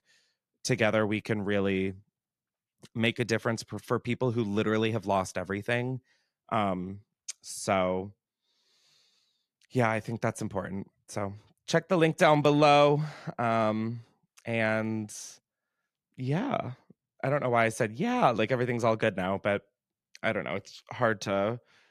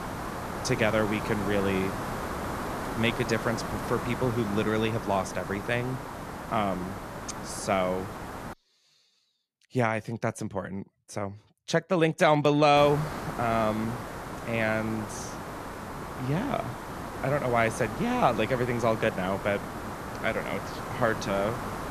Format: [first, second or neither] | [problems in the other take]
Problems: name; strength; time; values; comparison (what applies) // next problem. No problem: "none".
first | hiss; loud; until 8.5 s and from 13 s on; 8 dB below the speech